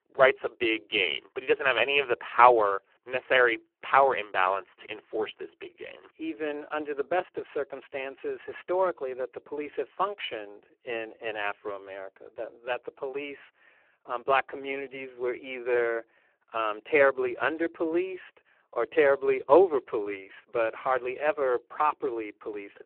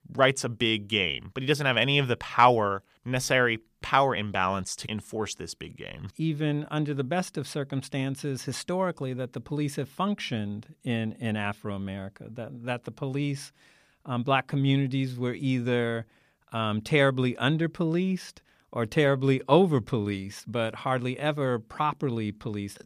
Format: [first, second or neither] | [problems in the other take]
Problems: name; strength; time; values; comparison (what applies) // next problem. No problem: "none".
second | phone-call audio; poor line